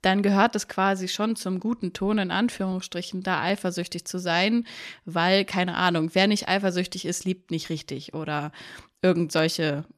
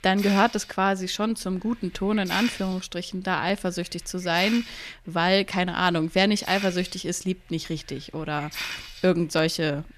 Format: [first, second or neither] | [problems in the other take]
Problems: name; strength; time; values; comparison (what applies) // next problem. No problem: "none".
first | hiss; loud; throughout; 10 dB below the speech